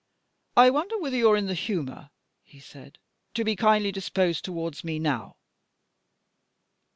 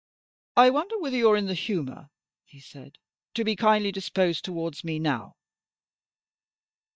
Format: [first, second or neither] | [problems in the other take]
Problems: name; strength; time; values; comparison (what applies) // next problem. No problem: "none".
first | noise reduction (neural mask model DeepFilterNet 3)